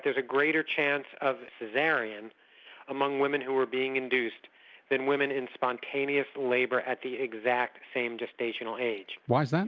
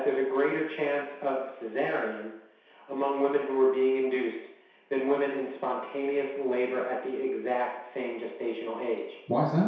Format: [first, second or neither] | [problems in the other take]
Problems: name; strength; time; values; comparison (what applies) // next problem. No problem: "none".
first | room echo; dies away in 0.7 s